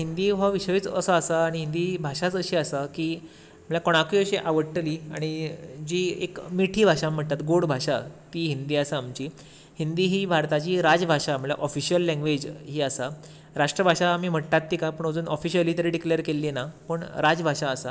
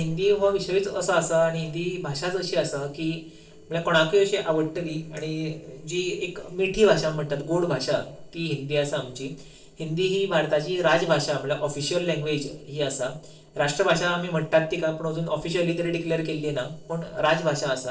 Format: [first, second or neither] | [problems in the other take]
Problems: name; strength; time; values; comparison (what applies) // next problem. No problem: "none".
first | noise reduction (neural separator model SepFormer DNS4)